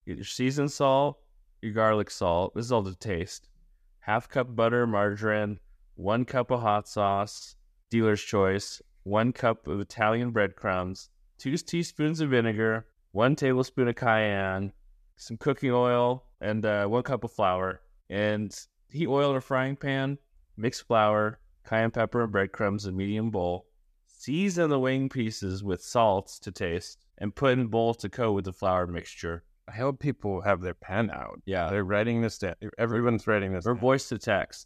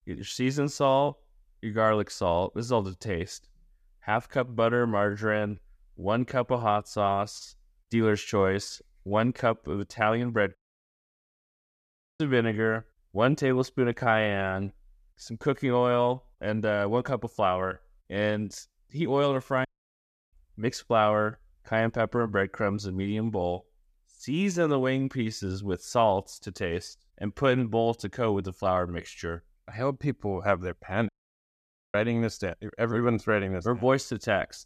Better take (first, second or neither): first